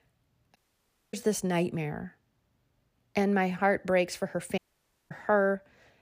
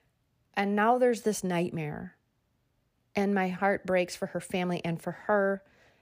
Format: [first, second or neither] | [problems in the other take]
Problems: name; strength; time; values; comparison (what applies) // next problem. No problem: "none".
second | audio cutting out; at 0.5 s for 0.5 s and at 4.5 s for 0.5 s